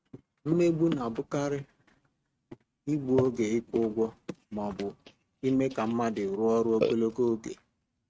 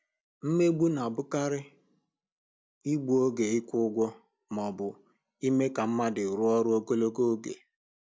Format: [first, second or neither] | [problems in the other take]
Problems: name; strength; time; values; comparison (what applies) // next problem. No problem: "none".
second | noise reduction (neural mask model RNNoise)